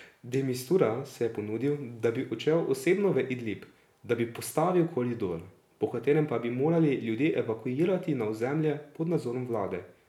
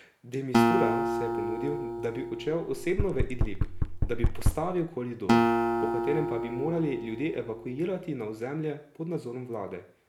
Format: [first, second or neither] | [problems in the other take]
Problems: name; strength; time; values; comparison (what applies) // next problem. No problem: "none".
first | background sound (Knock + Acoustic guitar); 4 dB above the speech